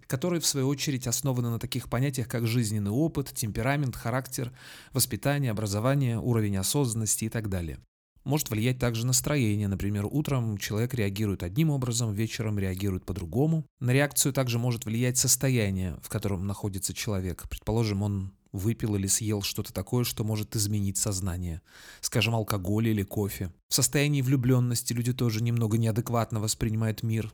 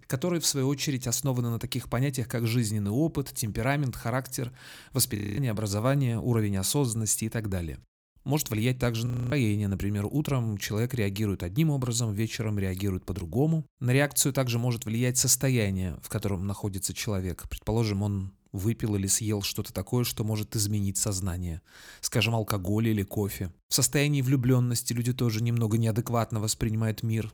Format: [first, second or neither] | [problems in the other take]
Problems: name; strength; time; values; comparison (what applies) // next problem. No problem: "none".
first | audio freezing; at 5 s and at 9 s